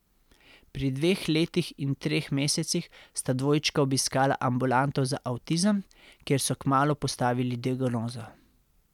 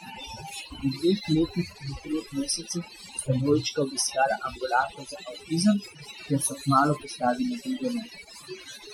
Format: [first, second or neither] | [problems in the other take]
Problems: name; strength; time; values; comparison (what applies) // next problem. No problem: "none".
first | noise reduction (classical method Wiener filter)